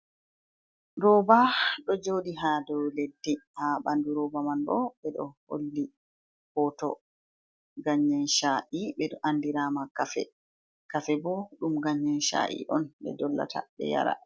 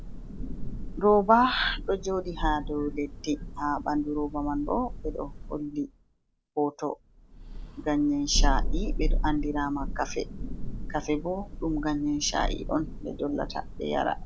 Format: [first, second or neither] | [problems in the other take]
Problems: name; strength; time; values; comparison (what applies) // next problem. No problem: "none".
first | background sound (Thunder); 3 dB below the speech